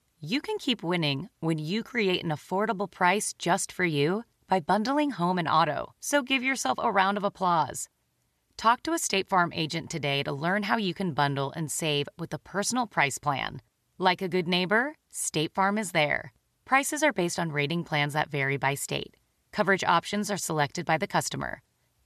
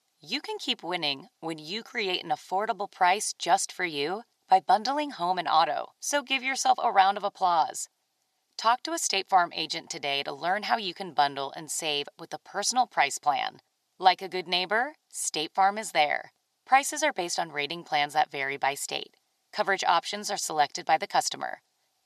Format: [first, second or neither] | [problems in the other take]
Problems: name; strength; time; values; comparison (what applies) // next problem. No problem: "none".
first | thin; somewhat; fading below 300 Hz